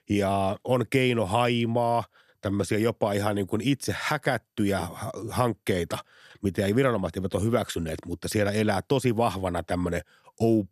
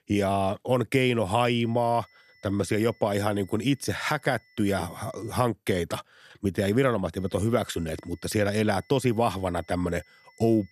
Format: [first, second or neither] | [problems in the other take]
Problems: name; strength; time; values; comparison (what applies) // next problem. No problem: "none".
first | high-pitched whine; faint; from 1.5 to 5.5 s and from 7 s on; 2 kHz, 30 dB below the speech